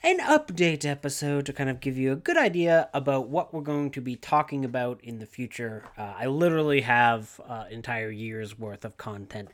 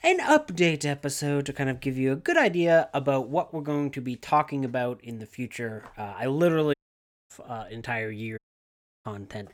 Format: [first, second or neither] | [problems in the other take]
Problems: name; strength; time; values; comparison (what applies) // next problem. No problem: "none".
first | audio cutting out; at 6.5 s for 0.5 s and at 8.5 s for 0.5 s